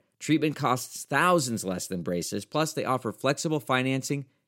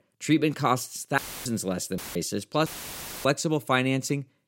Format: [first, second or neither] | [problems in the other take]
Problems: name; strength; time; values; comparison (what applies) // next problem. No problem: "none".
first | audio cutting out; filled with static; at 1 s, at 2 s and at 2.5 s for 0.5 s